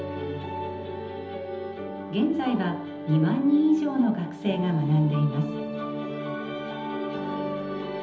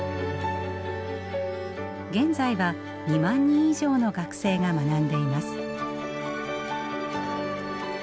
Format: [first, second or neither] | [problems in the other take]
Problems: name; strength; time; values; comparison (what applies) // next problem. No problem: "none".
second | room echo; dies away in 1.2 s